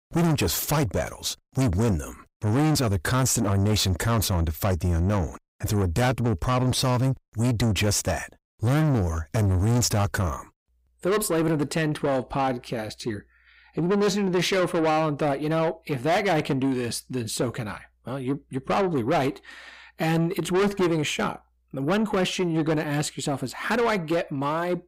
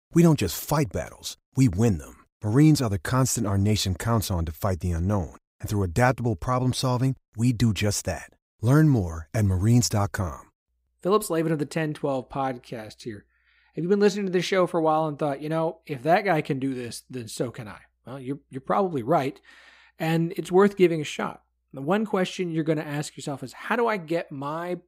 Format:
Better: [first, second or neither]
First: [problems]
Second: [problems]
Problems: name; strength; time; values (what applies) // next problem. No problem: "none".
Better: second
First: distortion; heavy; 6 dB below the speech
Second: none